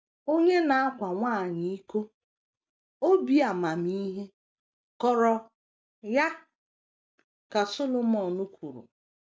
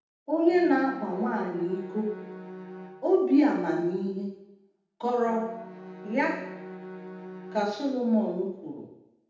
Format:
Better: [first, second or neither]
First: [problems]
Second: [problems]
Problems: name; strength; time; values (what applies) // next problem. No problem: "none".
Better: first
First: none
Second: background sound (Bowed string instrument); 16 dB below the speech // room echo; dies away in 0.8 s